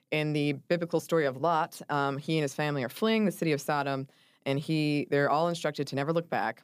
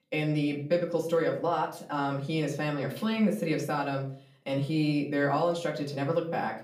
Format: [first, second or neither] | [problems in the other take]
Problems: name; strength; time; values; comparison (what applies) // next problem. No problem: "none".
first | off-mic speech; far // room echo; slight; dies away in 0.4 s